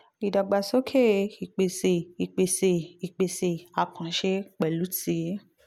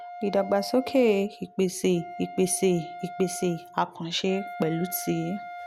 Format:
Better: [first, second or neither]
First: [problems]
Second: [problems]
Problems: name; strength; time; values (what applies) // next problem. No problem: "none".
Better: first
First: none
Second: background sound (Wind instrument, woodwind instrument); 13 dB below the speech